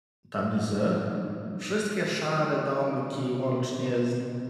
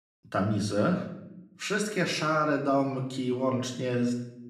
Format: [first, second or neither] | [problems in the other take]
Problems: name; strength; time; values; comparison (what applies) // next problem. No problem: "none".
second | room echo; strong; dies away in 2.5 s; slight in the second // off-mic speech; far; somewhat distant in the second